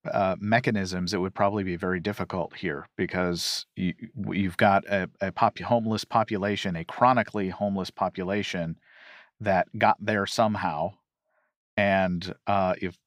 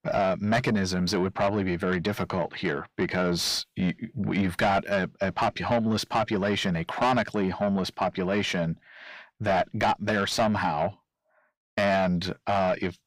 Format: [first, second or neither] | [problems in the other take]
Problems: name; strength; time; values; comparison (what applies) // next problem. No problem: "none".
first | distortion; heavy; 7 dB below the speech